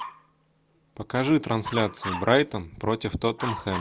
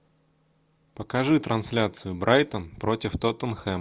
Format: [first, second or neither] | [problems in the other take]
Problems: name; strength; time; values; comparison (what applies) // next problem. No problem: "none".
second | background sound (Dog); 12 dB below the speech